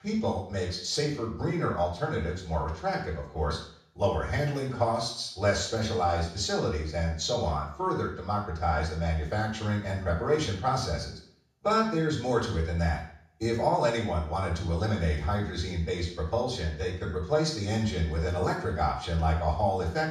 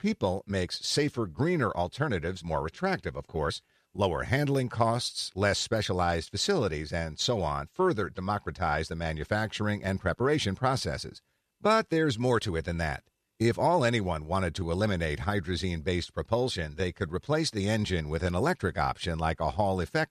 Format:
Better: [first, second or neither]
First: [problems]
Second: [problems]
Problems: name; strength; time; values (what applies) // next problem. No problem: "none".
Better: second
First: room echo; noticeable; dies away in 0.5 s // off-mic speech; far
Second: none